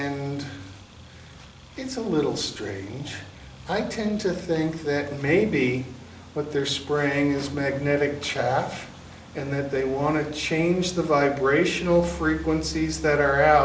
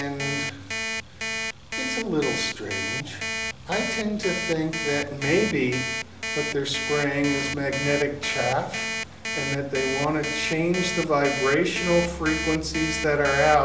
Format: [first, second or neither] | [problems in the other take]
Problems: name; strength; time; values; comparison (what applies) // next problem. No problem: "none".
first | background sound (Alarm); 5 dB below the speech